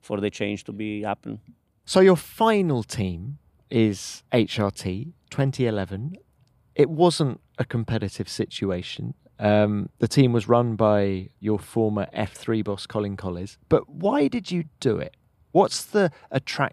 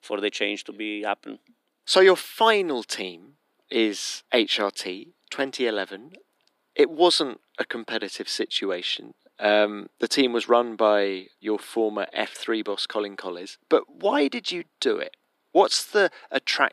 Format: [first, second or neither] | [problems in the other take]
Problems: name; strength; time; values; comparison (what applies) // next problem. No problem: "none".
first | thin; somewhat; fading below 300 Hz